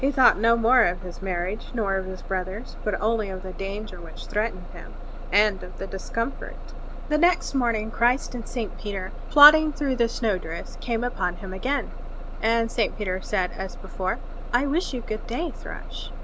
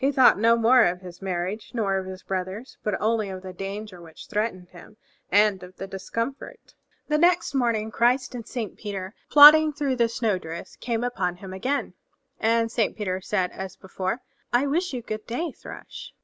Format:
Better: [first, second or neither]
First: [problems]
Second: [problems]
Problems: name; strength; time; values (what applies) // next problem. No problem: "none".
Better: second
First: background sound (Bus); 6 dB below the speech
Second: none